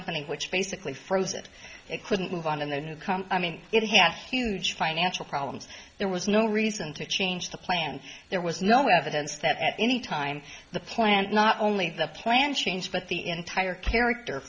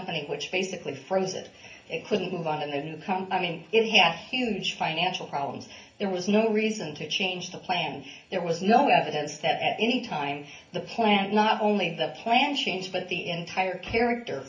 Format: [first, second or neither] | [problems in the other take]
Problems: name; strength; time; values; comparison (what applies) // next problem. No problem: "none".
first | room echo; dies away in 0.3 s